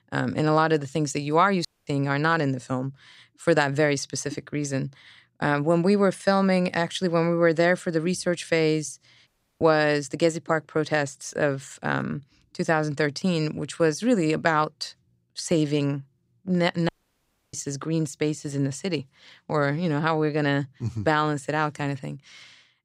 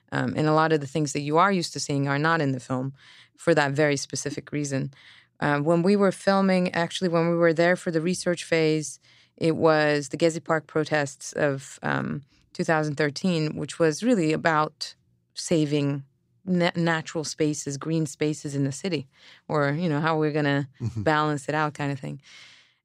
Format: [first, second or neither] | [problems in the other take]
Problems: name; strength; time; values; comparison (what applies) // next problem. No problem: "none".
second | audio cutting out; at 1.5 s, at 9.5 s and at 17 s for 0.5 s